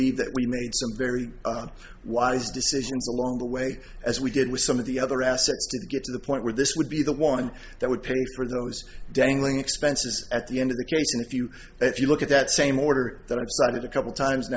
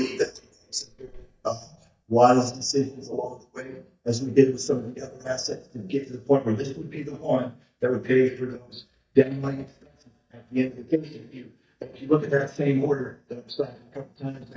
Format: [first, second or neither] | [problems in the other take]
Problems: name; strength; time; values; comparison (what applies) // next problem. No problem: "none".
first | noise reduction (neural mask model DeepFilterNet 3)